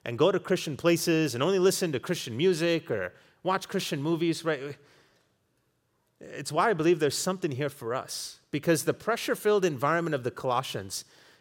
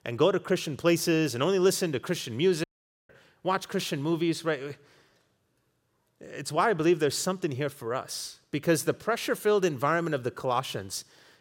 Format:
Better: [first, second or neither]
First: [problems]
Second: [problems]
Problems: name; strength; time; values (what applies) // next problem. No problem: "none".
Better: first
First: none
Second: audio cutting out; at 2.5 s